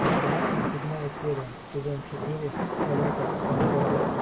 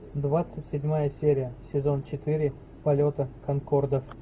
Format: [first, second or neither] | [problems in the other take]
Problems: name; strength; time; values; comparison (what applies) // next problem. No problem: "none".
second | background sound (Thunder / Rain); 5 dB above the speech // room echo; dies away in 0.8 s